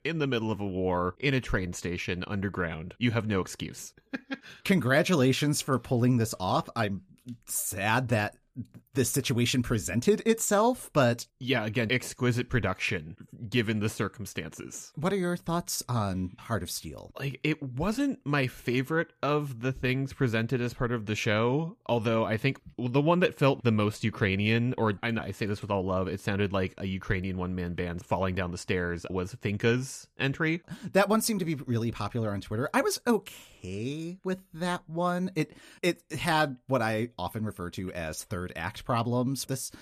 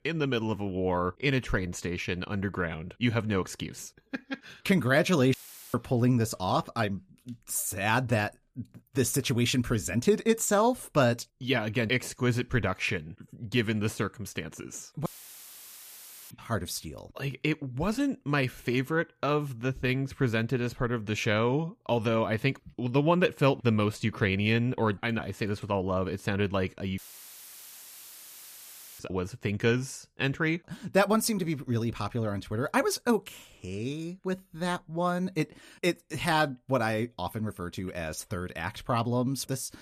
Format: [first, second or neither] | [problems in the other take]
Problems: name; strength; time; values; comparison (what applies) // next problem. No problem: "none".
first | audio cutting out; filled with static; at 5.5 s, at 15 s for 1 s and at 27 s for 2 s